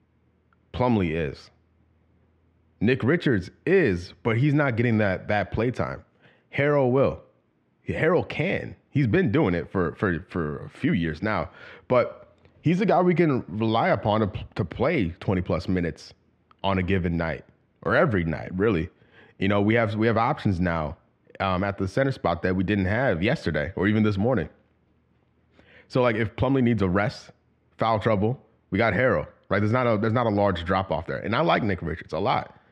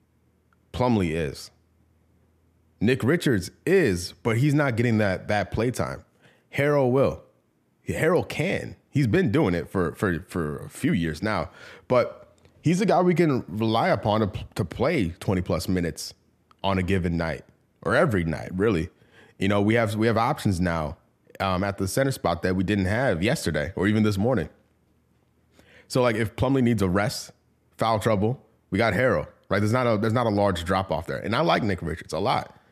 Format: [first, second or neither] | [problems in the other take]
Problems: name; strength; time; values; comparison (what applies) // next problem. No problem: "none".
second | muffled; slightly; fading above 3 kHz